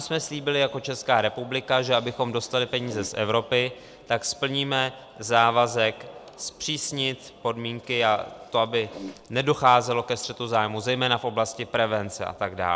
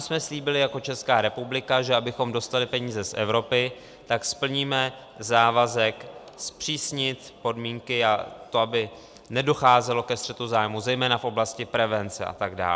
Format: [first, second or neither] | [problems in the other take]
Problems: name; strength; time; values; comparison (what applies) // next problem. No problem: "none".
second | background sound (Fart); 18 dB below the speech